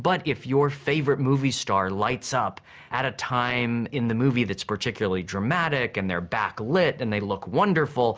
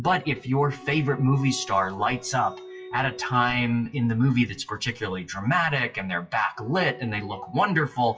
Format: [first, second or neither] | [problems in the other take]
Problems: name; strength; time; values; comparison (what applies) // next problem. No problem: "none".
first | noise reduction (classical method WPE with log-MMSE)